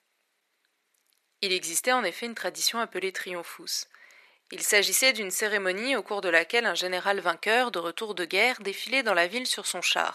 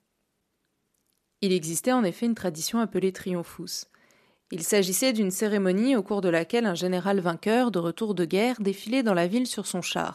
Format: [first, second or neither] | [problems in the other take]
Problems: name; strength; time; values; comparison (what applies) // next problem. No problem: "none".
second | thin; very; fading below 550 Hz